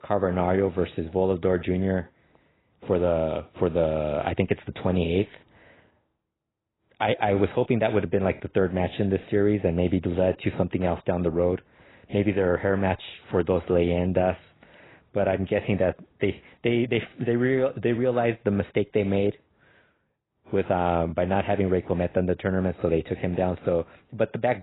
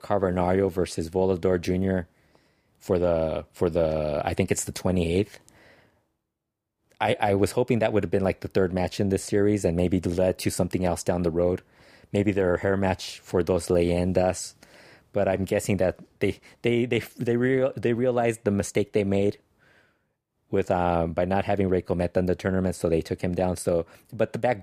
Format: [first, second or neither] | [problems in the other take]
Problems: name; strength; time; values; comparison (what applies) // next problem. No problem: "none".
second | garbled, watery; badly; nothing above 4 kHz